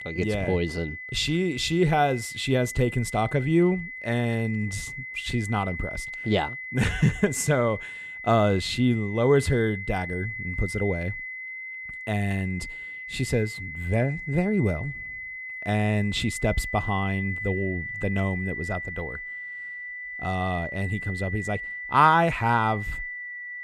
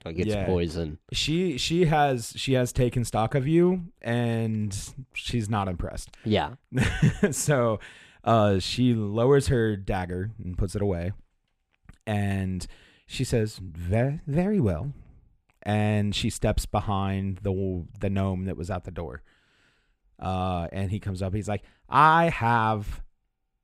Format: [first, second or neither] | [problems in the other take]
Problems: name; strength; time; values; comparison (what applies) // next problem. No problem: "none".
second | high-pitched whine; loud; throughout; 2 kHz, 8 dB below the speech